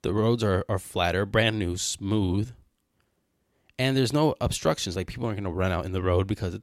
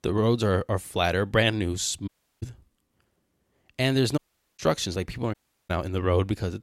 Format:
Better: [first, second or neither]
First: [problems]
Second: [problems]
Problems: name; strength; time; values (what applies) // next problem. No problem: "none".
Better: first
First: none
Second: audio cutting out; at 2 s, at 4 s and at 5.5 s